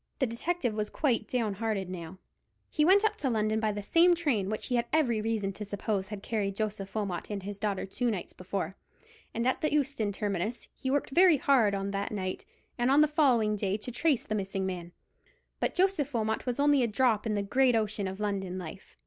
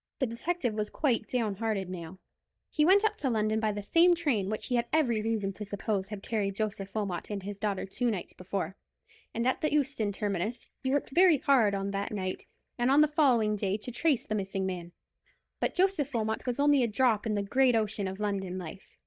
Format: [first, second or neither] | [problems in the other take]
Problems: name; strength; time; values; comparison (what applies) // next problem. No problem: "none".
first | noise reduction (neural mask model DeepFilterNet 3)